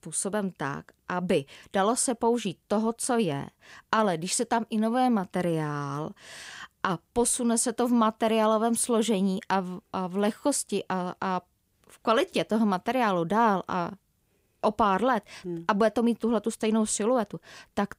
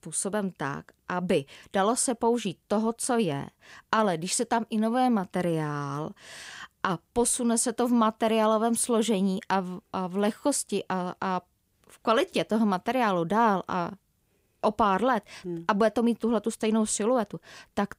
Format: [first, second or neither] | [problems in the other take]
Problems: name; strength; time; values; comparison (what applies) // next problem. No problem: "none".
neither | none